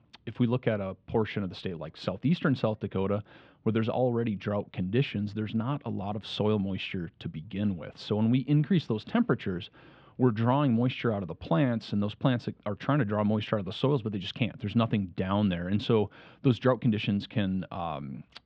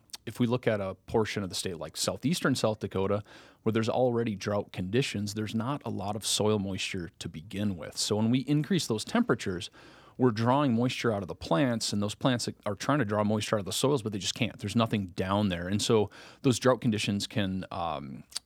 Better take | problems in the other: second | muffled; slightly; fading above 3 kHz

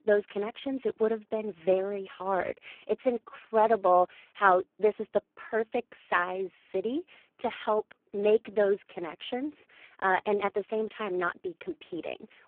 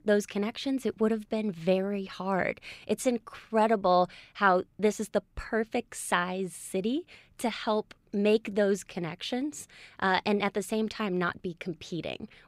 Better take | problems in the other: second | phone-call audio; poor line

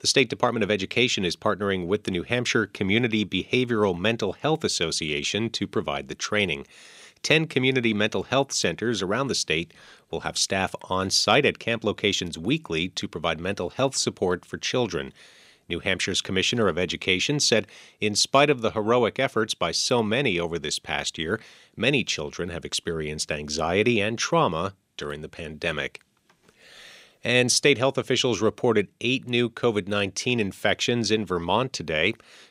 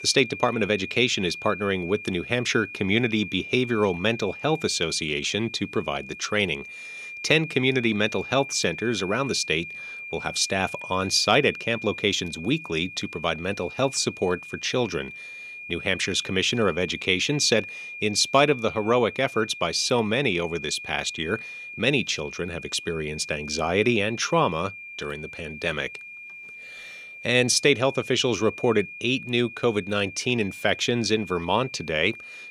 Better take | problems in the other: first | high-pitched whine; noticeable; throughout; 2.5 kHz, 10 dB below the speech

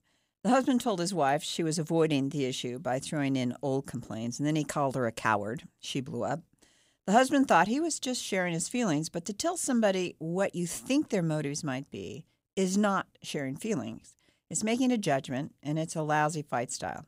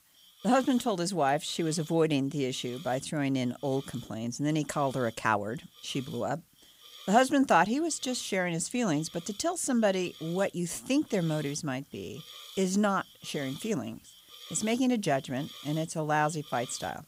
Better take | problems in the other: first | hiss; noticeable; throughout; 20 dB below the speech

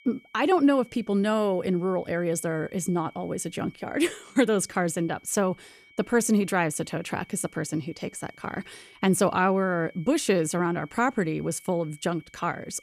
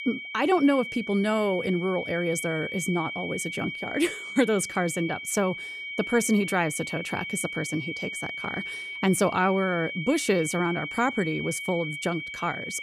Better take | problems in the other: first | high-pitched whine; loud; throughout; 2.5 kHz, 7 dB below the speech; faint in the first

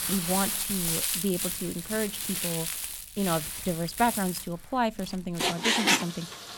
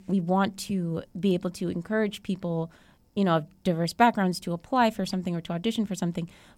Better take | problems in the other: second | household noises; very loud; throughout; 3 dB above the speech

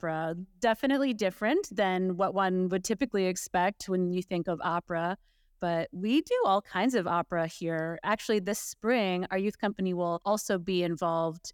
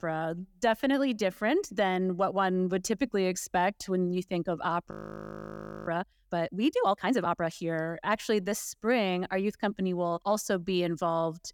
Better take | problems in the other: first | audio freezing; at 5 s for 1 s

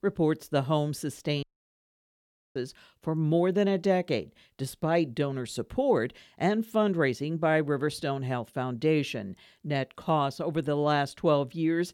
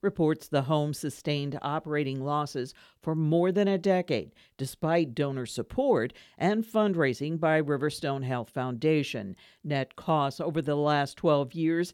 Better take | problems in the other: second | audio cutting out; at 1.5 s for 1 s

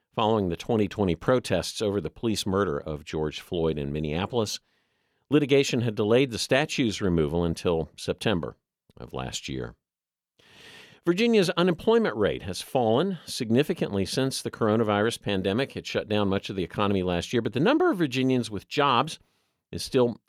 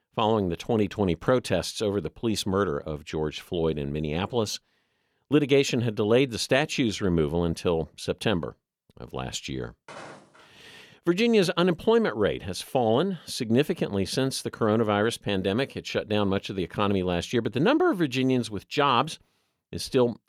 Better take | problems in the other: first | footsteps; faint; at 10 s; peak 15 dB below the speech

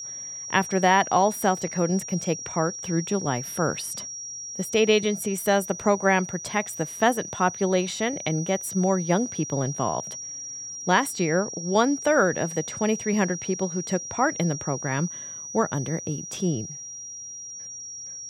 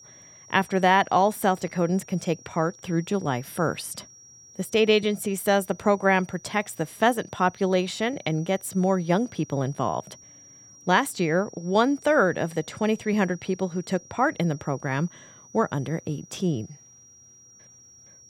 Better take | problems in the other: second | high-pitched whine; loud; throughout; 5.5 kHz, 9 dB below the speech; faint in the second

